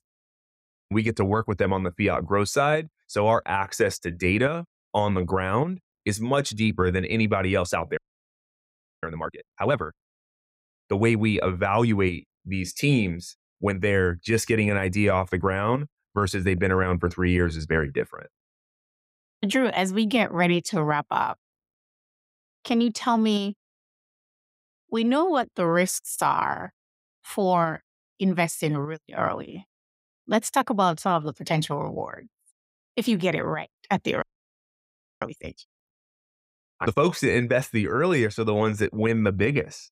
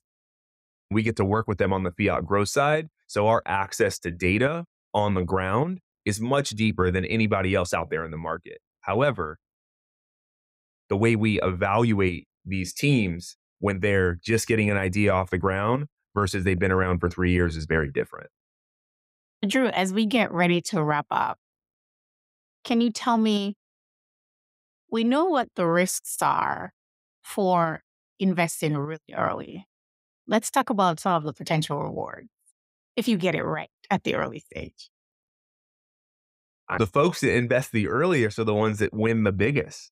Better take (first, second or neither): second